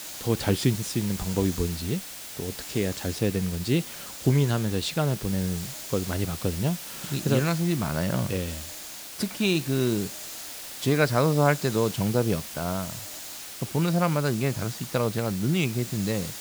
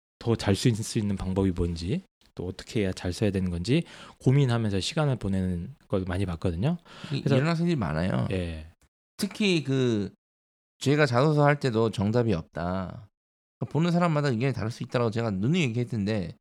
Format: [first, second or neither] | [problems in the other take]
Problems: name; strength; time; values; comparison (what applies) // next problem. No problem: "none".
second | hiss; loud; throughout; 9 dB below the speech